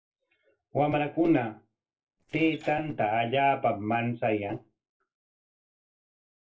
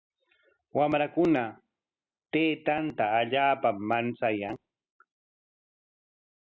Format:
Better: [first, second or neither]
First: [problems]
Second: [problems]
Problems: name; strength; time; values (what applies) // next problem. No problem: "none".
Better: second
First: noise reduction (neural separator model SepFormer DNS4)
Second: none